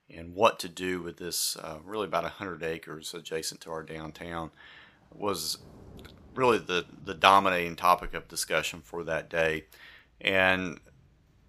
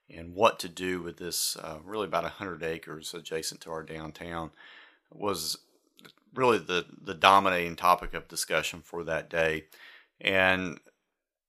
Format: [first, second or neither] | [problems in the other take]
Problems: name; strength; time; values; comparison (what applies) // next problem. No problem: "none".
second | rain or running water; faint; throughout; 30 dB below the speech